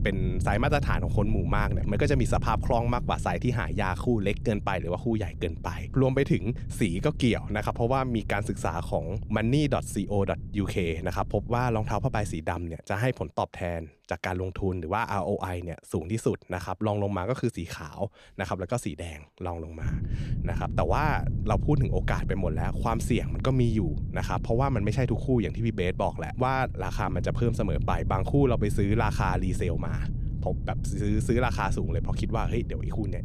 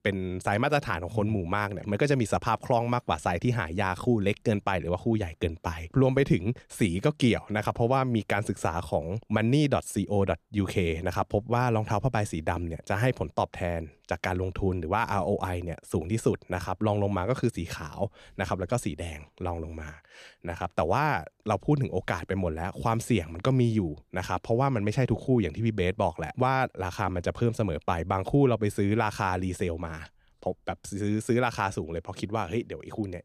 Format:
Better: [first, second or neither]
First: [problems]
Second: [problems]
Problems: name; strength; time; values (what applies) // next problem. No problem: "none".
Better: second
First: wind noise on the microphone; occasional gusts; until 12 s and from 20 s on; 15 dB below the speech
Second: none